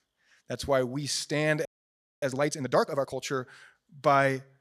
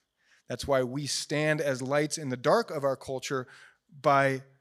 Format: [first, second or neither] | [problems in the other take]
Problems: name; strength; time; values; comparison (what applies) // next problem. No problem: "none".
second | audio freezing; at 1.5 s for 0.5 s